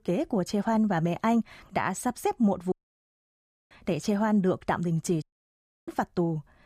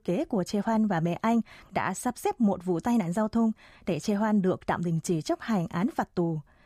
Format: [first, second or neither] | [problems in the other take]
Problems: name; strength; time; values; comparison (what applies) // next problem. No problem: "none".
second | audio cutting out; at 2.5 s for 1 s and at 5 s for 0.5 s